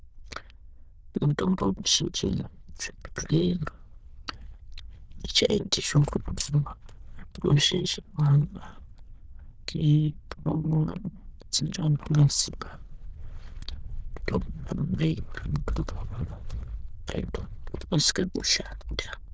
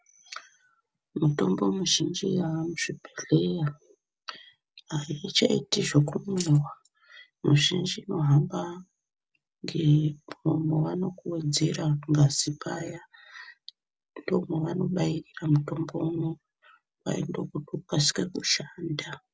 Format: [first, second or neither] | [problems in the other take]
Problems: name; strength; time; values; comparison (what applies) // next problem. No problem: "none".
second | noise reduction (neural diffusion model UNIVERSE++)